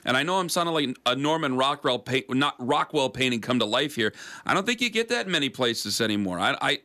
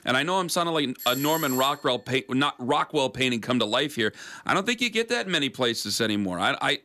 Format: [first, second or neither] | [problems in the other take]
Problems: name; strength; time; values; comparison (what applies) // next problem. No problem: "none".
first | doorbell; noticeable; at 1 s; peak 6 dB below the speech